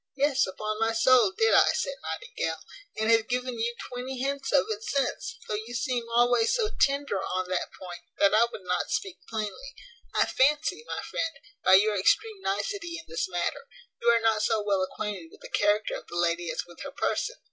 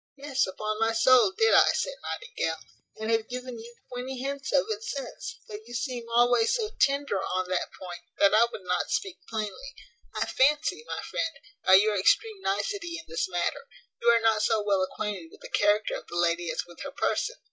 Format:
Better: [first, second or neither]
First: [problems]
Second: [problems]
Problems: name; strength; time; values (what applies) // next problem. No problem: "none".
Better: first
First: none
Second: noise reduction (neural mask model DeepFilterNet 3)